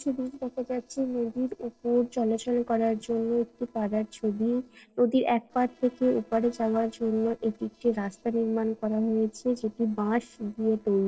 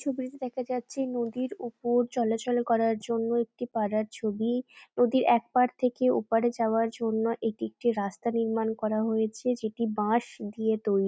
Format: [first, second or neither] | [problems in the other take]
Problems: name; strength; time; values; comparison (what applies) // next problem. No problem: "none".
second | noise reduction (neural separator model SepFormer DNS4)